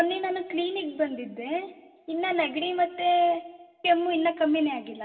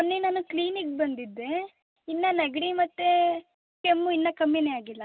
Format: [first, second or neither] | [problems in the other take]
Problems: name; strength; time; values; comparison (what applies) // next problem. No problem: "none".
second | room echo; dies away in 0.9 s